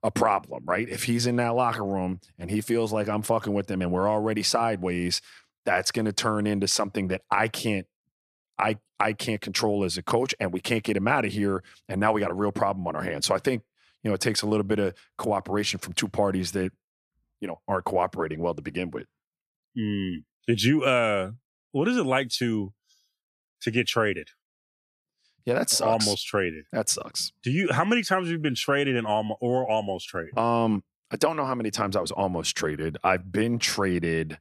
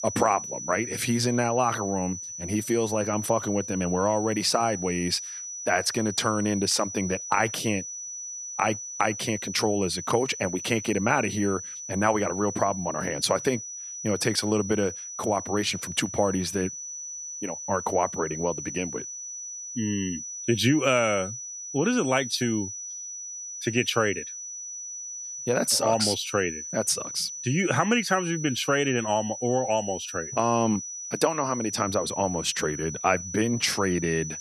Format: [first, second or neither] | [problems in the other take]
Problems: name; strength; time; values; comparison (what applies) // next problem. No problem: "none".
first | high-pitched whine; loud; throughout; 6 kHz, 8 dB below the speech